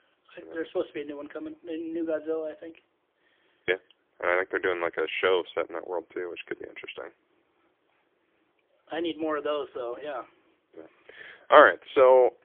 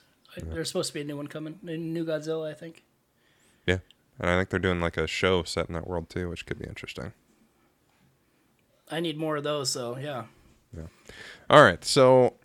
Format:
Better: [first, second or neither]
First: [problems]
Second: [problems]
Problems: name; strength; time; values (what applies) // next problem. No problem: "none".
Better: second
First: phone-call audio; poor line; nothing above 3.5 kHz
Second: none